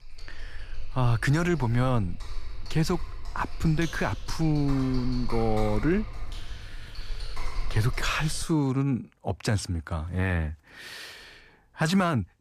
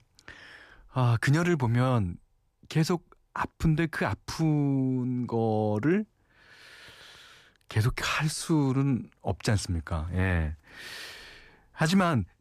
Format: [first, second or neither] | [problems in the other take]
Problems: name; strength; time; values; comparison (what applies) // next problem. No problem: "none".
second | keyboard typing; noticeable; until 8.5 s; peak 8 dB below the speech